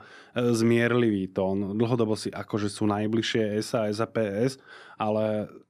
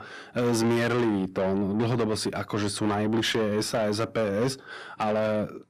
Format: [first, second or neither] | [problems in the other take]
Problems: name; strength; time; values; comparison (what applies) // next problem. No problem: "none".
first | distortion; heavy; 7 dB below the speech